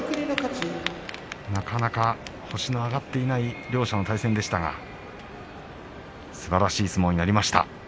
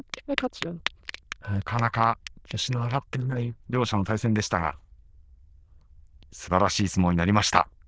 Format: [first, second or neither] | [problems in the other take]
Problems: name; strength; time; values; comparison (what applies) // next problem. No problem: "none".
first | noise reduction (neural diffusion model UNIVERSE++)